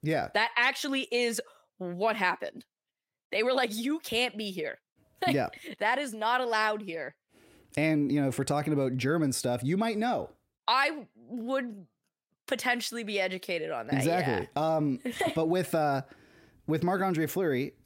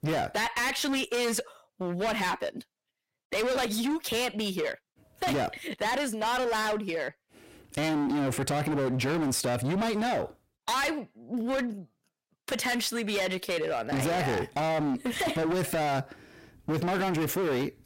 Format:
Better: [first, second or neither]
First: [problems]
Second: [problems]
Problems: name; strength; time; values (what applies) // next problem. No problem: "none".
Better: first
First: none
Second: distortion; heavy; 27% of the sound clipped